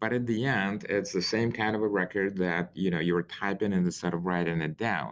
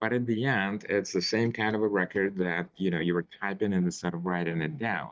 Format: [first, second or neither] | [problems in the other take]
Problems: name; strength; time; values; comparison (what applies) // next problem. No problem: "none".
first | noise reduction (neural mask model DeepFilterNet 3)